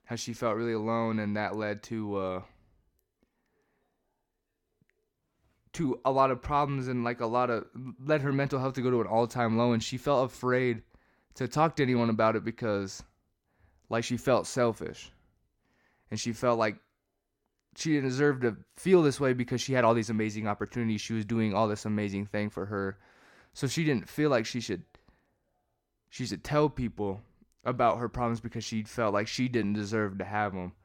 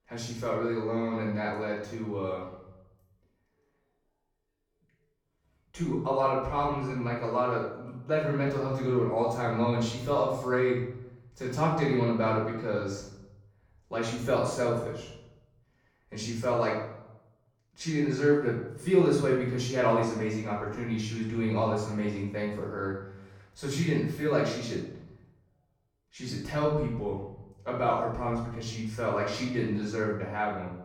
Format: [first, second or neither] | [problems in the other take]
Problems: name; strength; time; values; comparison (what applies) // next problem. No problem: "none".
first | room echo; noticeable; dies away in 0.7 s // off-mic speech; far